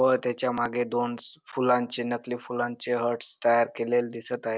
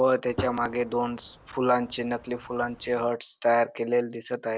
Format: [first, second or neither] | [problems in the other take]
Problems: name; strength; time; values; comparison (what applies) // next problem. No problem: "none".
first | background sound (Gunshot, gunfire); 15 dB below the speech